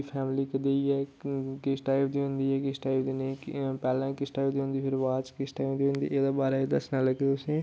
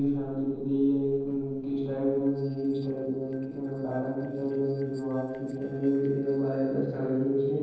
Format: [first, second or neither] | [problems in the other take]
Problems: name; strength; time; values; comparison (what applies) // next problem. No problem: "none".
first | noise reduction (neural separator model SepFormer DNS4)